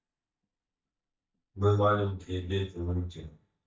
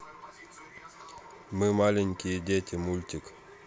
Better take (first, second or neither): second